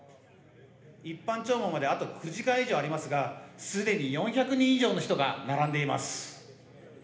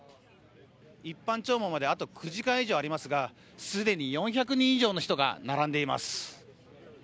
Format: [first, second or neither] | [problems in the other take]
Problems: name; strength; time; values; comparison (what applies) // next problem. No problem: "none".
second | room echo; dies away in 1 s